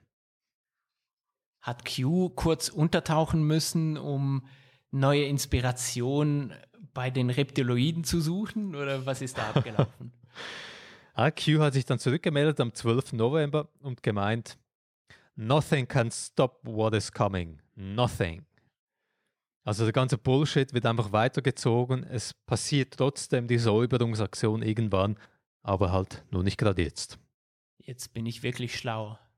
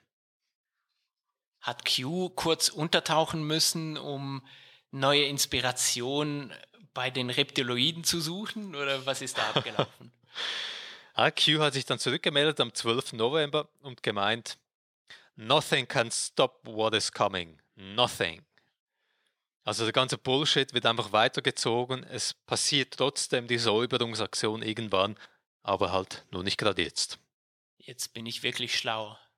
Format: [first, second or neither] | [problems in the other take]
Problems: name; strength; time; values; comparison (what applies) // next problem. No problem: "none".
first | thin; somewhat; fading below 700 Hz